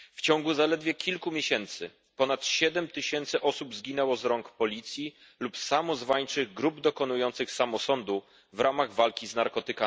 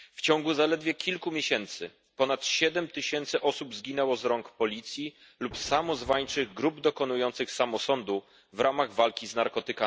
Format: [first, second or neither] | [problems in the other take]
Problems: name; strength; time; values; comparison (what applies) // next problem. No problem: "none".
first | background sound (Thunder); 18 dB below the speech